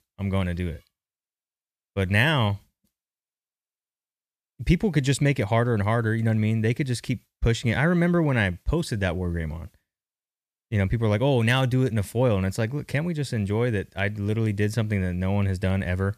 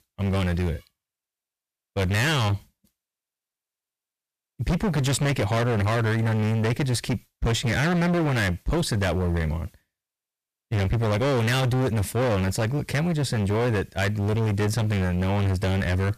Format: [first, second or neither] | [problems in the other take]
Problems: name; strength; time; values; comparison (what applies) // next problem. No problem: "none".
first | distortion; heavy; 28% of the sound clipped